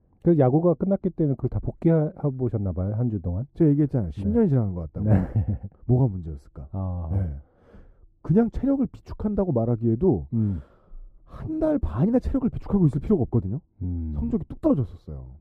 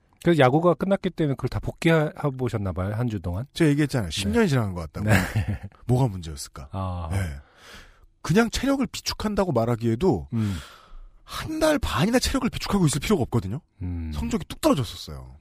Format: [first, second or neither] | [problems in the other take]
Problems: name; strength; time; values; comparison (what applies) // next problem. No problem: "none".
second | muffled; very; fading above 1.5 kHz